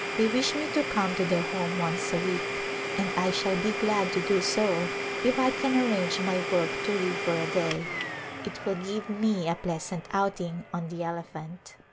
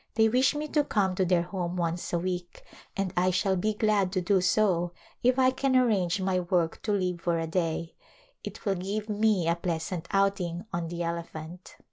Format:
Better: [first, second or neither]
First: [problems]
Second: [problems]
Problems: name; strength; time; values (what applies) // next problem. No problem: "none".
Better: second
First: background sound (Domestic sounds, home sounds); 4 dB below the speech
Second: none